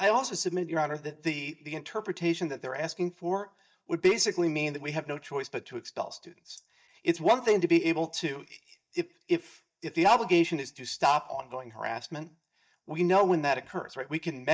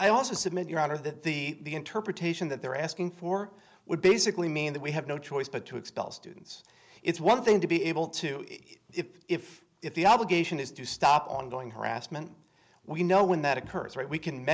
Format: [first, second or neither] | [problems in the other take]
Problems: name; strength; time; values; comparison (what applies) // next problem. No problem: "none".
second | noise reduction (neural mask model DeepFilterNet 3)